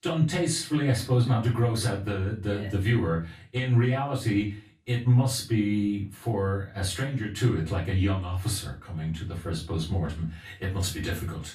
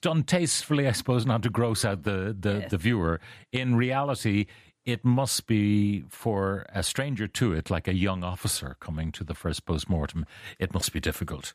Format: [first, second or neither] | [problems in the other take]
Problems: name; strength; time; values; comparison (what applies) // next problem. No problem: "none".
second | off-mic speech; far // room echo; slight; dies away in 0.3 s